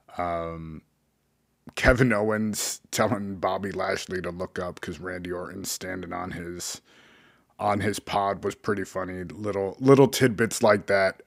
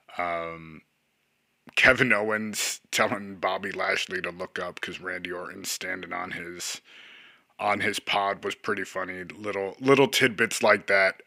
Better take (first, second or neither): first